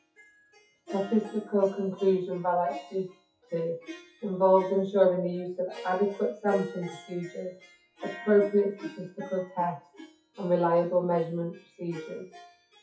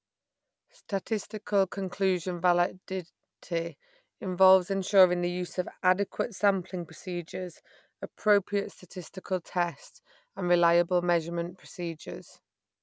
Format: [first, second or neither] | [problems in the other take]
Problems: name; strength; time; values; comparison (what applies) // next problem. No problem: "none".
second | noise reduction (classical method WPE with log-MMSE)